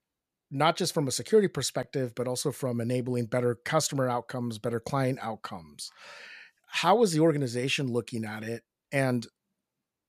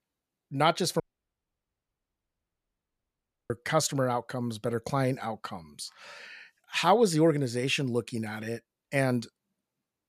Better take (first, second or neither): first